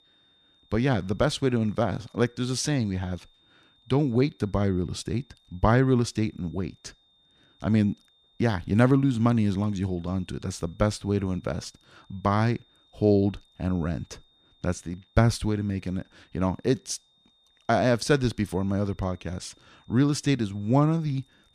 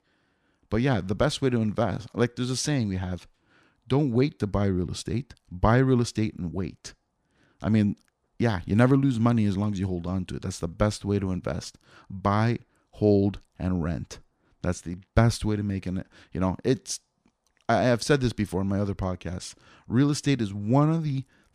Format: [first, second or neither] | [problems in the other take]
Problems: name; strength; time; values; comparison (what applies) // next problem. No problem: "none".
second | high-pitched whine; faint; throughout; 3.5 kHz, 35 dB below the speech